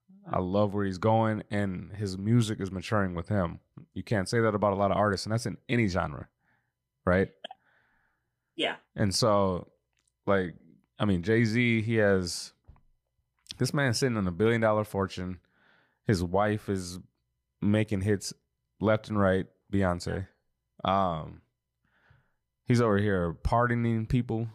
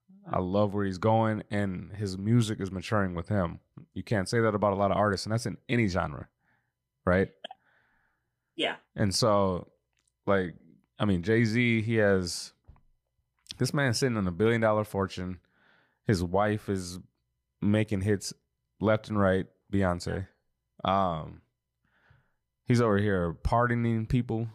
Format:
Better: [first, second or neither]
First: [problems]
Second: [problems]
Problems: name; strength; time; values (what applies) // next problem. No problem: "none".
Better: neither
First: none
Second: none